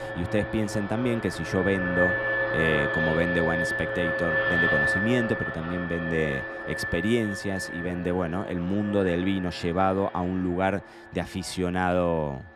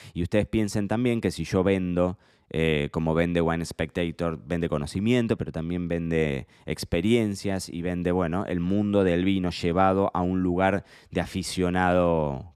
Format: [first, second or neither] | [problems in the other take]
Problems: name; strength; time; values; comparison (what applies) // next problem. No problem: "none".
second | alarms or sirens; very loud; throughout; as loud as the speech